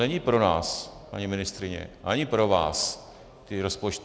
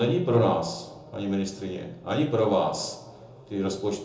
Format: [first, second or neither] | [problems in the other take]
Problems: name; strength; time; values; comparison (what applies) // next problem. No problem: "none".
first | room echo; dies away in 0.6 s